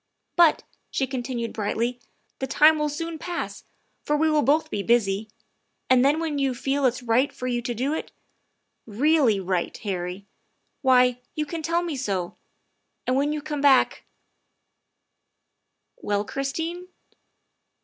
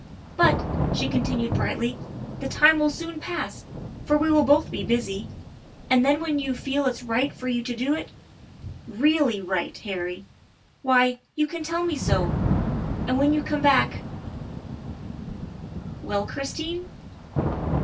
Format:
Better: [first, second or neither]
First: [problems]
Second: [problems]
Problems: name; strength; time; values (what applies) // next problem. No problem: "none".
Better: first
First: none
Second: background sound (Thunder / Rain); 5 dB below the speech // room echo; dies away in 0.1 s